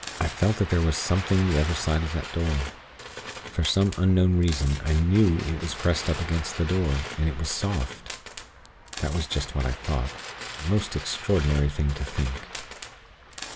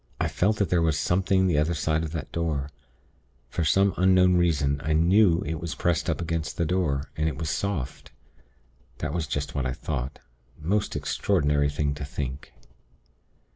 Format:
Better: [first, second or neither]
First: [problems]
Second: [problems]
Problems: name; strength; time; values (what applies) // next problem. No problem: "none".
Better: second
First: background sound (Tools + Ocean); 13 dB below the speech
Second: none